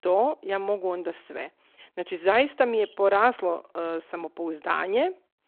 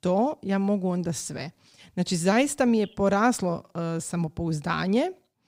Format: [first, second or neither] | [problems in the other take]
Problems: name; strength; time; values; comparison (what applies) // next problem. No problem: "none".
second | phone-call audio